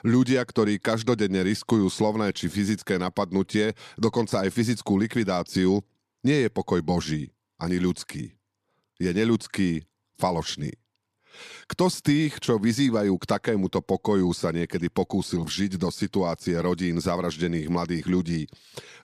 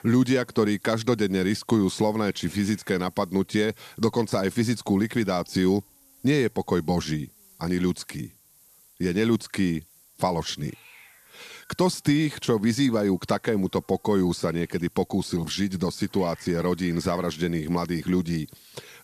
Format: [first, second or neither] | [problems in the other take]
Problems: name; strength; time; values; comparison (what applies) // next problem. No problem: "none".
first | hiss; faint; throughout; 25 dB below the speech